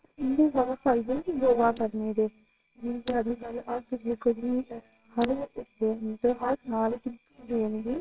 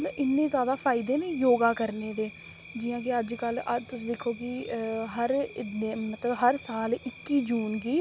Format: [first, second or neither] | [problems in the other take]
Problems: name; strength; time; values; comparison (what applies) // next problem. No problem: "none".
second | noise reduction (neural separator model SepFormer WHAMR!)